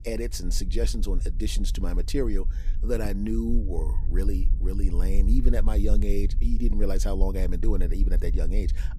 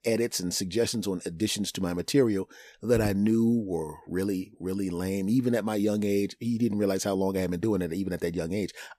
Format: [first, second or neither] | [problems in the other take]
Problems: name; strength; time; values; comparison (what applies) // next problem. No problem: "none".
second | low rumble; noticeable; throughout; 15 dB below the speech